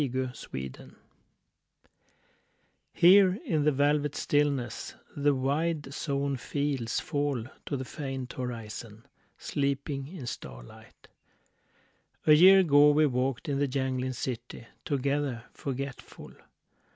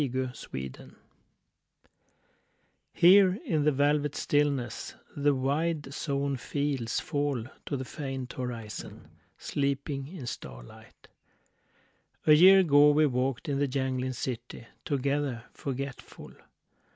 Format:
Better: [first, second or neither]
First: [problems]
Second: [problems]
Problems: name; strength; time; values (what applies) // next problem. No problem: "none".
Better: first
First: none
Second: noise reduction (neural mask model Resemble Enhance denoiser)